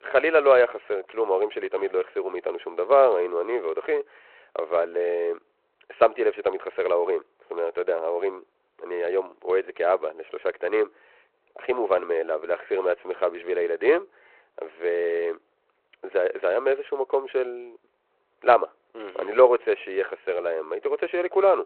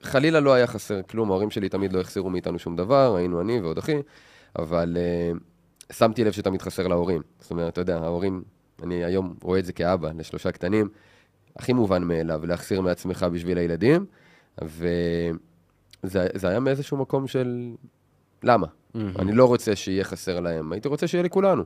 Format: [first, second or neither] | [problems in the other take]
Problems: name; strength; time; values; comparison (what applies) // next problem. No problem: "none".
second | phone-call audio; nothing above 4 kHz